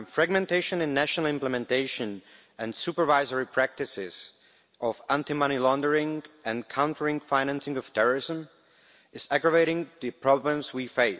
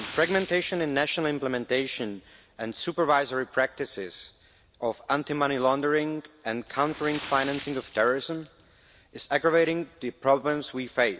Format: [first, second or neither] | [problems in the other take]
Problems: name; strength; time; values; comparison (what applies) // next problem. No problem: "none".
first | background sound (Splash, splatter); 20 dB below the speech